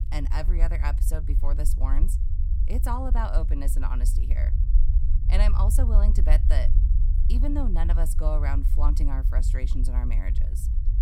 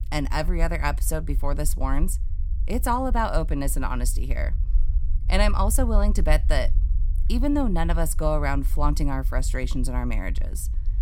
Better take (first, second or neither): second